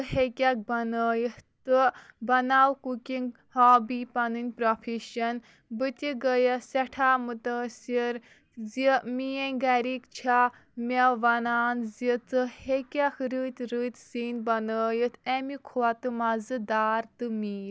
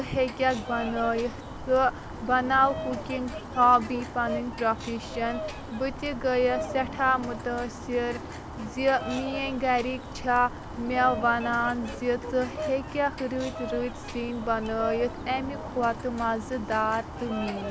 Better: first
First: none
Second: background sound (Bird + Bird vocalization, bird call, bird song); 8 dB below the speech

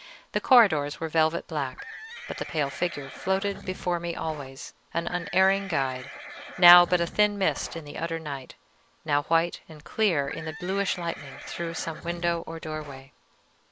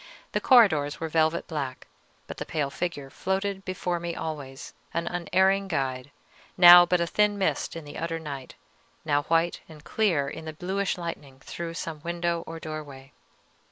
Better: second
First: background sound (Livestock, farm animals, working animals); 14 dB below the speech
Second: none

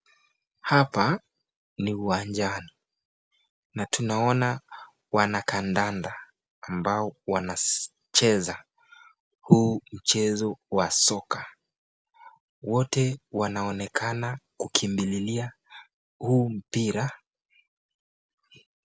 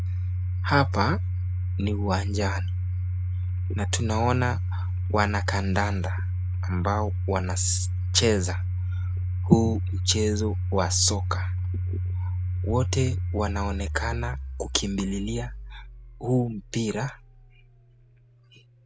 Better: first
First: none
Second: background sound (Domestic sounds, home sounds); as loud as the speech

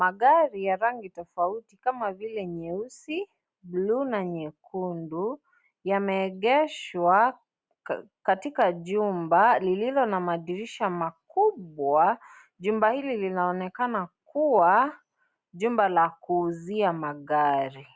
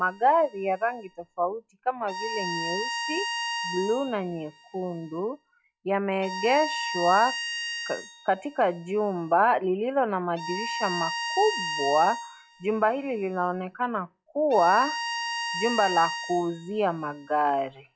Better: first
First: none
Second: noise reduction (classical method log-MMSE)

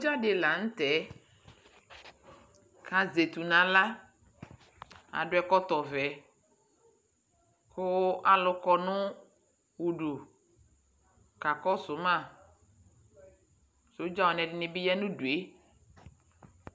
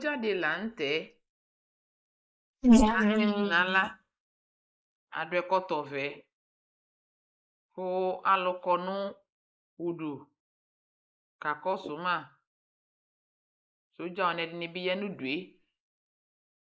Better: first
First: none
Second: noise reduction (neural mask model Resemble Enhance denoiser)

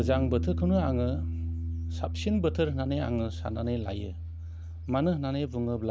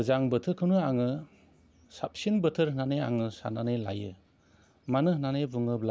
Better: second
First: background sound (Piano); 3 dB below the speech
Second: none

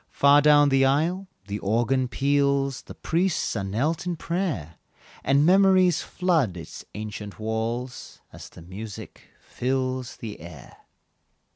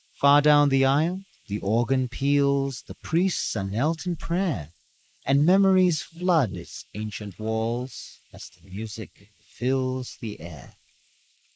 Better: first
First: none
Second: noise reduction (neural mask model Resemble Enhance denoiser)

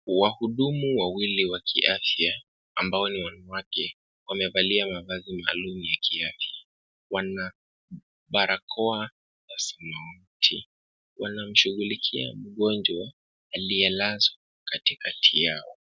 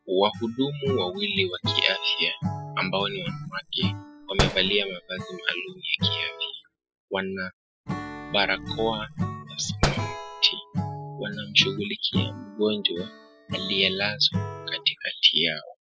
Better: first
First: none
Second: noise reduction (classical method spectral subtraction)

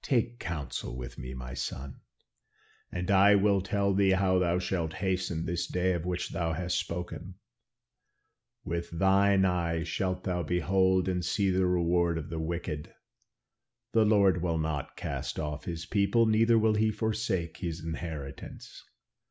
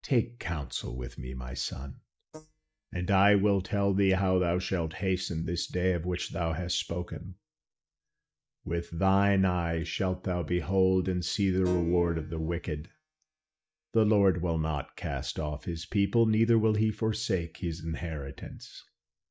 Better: first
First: none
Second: noise reduction (neural mask model DeepFilterNet 3)

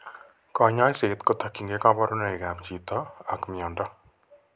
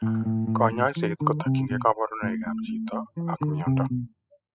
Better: first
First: none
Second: noise reduction (classical method spectral subtraction)

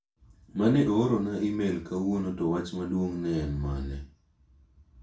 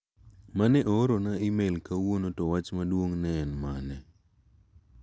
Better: second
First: room echo; dies away in 0.3 s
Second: none

